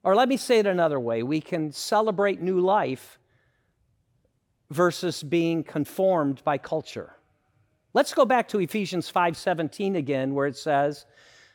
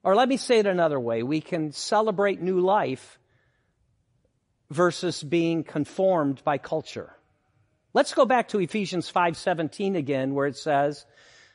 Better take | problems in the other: first | garbled, watery; slightly; nothing above 10.5 kHz

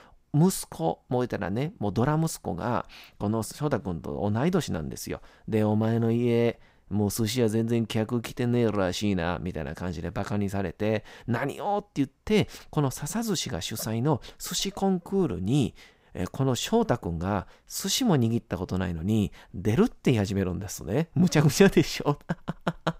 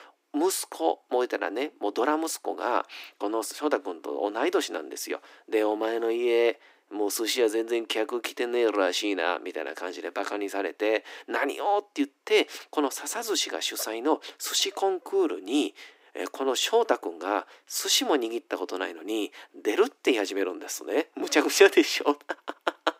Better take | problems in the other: first | thin; somewhat; fading below 300 Hz

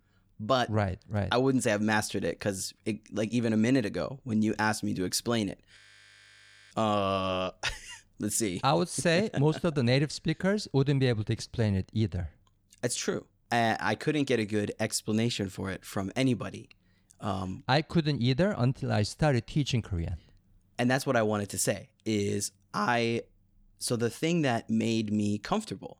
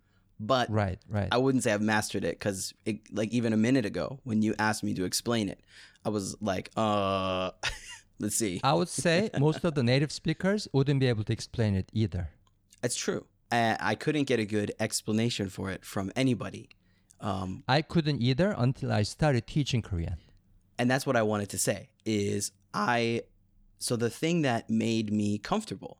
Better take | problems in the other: second | audio freezing; at 6 s for 1 s

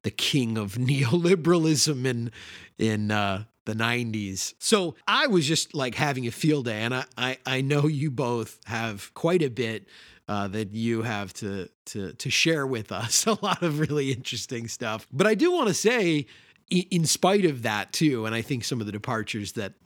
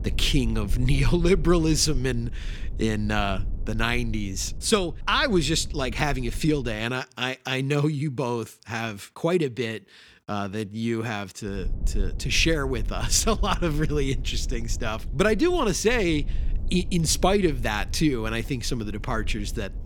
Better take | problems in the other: first | low rumble; faint; until 7 s and from 12 s on; 25 dB below the speech

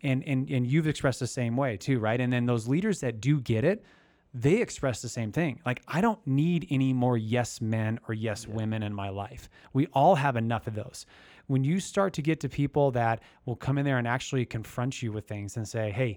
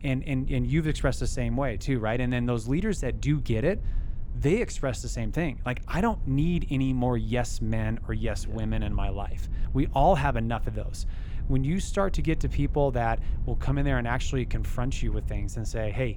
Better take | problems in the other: first | low rumble; faint; throughout; 20 dB below the speech

